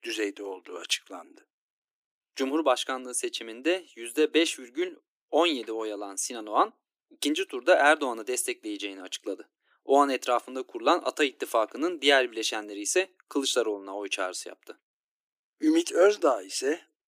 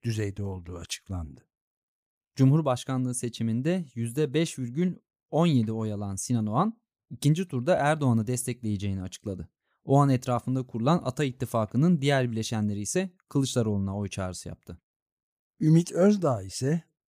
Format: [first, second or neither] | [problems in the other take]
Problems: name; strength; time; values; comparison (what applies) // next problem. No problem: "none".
second | thin; very; fading below 300 Hz